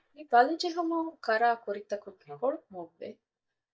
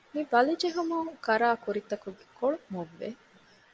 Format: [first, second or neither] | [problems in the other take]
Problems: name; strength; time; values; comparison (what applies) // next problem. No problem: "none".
second | noise reduction (neural mask model DeepFilterNet 3)